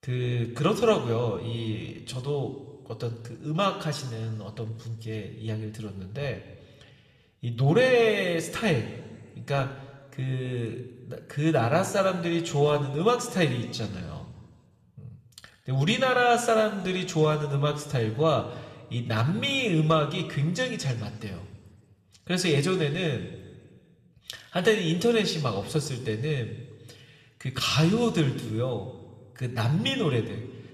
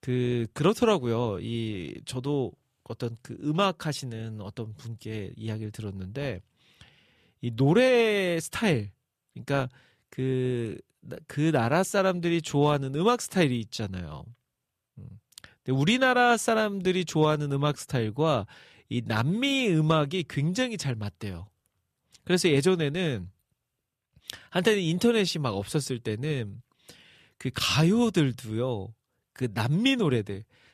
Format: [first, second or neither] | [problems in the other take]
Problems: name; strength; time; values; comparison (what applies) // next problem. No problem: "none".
second | room echo; slight; dies away in 1.2 s